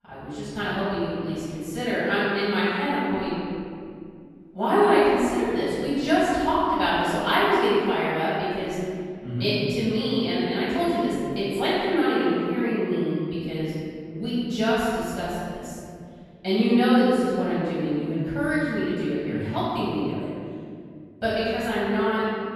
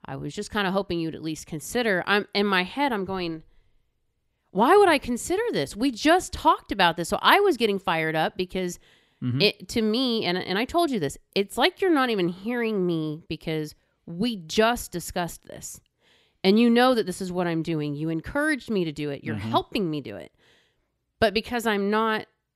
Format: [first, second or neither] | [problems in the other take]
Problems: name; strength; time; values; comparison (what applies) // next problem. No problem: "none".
second | off-mic speech; far // room echo; strong; dies away in 2.5 s